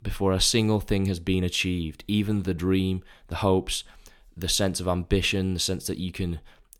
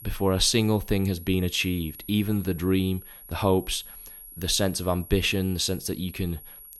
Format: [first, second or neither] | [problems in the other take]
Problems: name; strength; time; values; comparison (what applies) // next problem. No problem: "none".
first | high-pitched whine; noticeable; throughout; 11.5 kHz, 15 dB below the speech